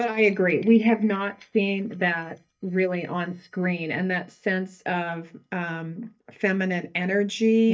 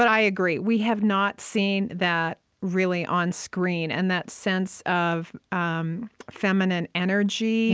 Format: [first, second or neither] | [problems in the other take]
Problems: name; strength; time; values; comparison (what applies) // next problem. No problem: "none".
second | noise reduction (neural mask model DeepFilterNet 3)